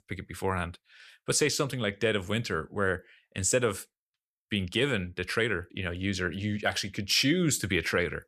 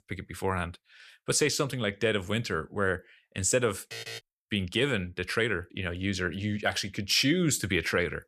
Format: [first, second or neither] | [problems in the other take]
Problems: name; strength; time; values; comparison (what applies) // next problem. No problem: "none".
first | alarm; noticeable; at 4 s; peak 10 dB below the speech